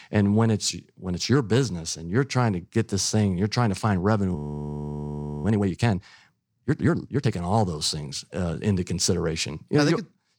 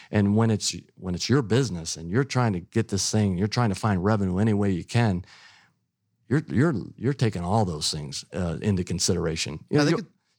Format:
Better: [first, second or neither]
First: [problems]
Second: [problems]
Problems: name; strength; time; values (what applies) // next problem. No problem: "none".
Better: second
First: audio freezing; at 4.5 s for 1 s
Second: none